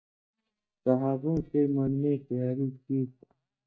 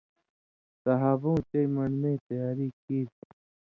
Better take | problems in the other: second | noise reduction (neural mask model DeepFilterNet 3)

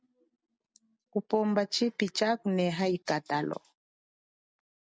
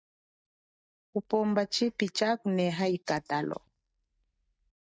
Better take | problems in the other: first | noise reduction (neural mask model DeepFilterNet 3)

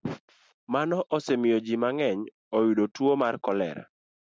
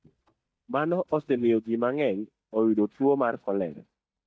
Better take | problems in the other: first | noise reduction (neural mask model DeepFilterNet 3)

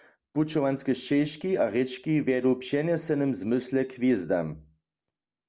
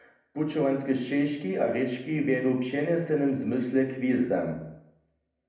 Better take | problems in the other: first | room echo; dies away in 0.7 s

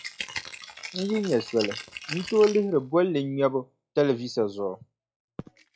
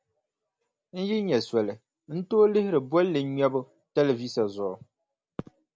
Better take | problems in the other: second | noise reduction (classical method log-MMSE)

